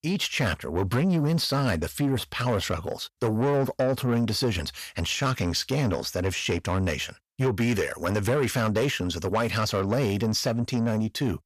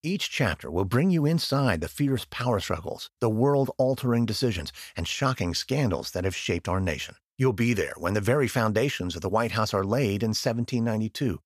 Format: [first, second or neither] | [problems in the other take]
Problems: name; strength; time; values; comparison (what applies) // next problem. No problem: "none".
second | distortion; slight; 10 dB below the speech